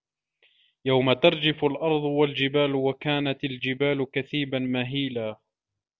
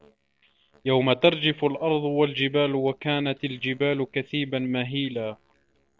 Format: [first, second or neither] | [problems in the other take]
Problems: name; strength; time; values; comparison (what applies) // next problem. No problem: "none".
first | noise reduction (neural separator model SepFormer DNS4)